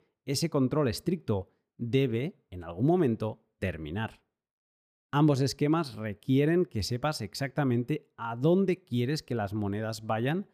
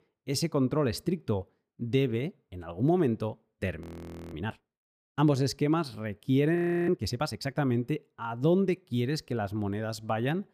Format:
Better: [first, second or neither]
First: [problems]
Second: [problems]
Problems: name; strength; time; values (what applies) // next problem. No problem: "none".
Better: first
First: none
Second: audio freezing; at 4 s for 0.5 s and at 6.5 s